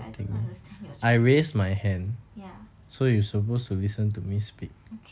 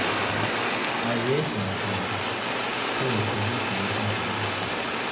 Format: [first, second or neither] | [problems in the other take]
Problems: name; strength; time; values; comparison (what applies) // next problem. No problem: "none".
first | background sound (Fire); 4 dB above the speech // room echo; dies away in 0.9 s